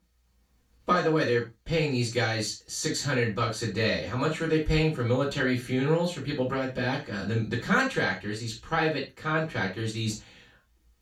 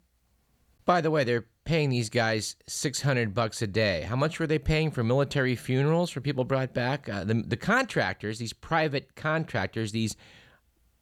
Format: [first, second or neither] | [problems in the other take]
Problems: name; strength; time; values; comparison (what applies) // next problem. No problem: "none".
second | room echo; slight; dies away in 0.2 s // off-mic speech; far